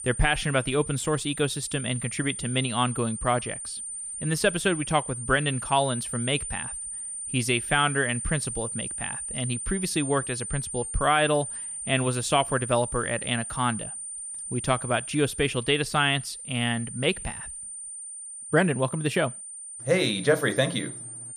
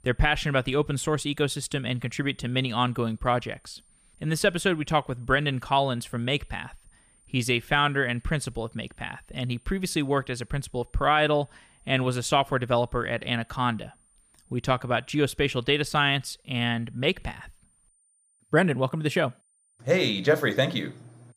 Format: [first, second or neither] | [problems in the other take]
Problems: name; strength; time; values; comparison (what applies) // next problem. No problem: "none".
second | high-pitched whine; loud; throughout; 9 kHz, 7 dB below the speech; faint in the second